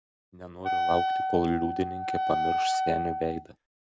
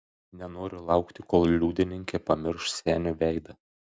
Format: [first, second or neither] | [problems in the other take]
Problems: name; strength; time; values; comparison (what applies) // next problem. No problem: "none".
second | background sound (Wind instrument, woodwind instrument); 3 dB above the speech